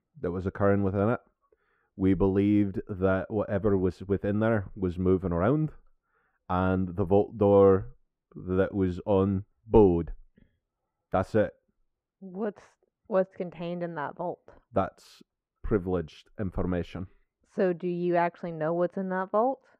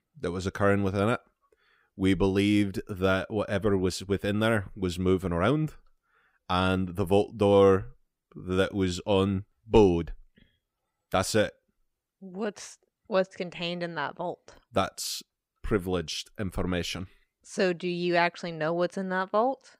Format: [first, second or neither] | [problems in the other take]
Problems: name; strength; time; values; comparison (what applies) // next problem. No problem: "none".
second | muffled; very; fading above 2.5 kHz